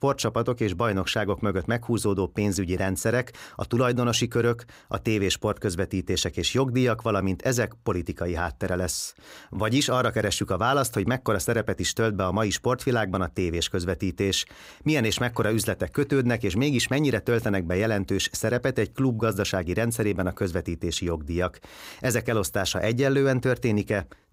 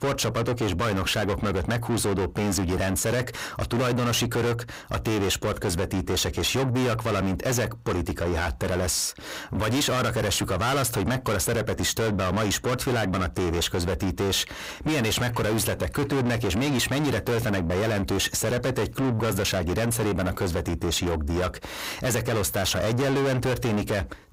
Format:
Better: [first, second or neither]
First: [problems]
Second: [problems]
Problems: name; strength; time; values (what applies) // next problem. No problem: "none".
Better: first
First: none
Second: distortion; heavy; 5 dB below the speech